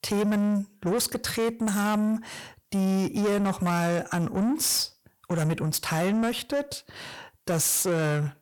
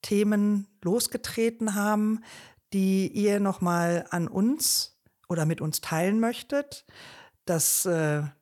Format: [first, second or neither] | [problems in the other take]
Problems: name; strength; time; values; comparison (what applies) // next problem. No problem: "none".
second | distortion; slight; 10 dB below the speech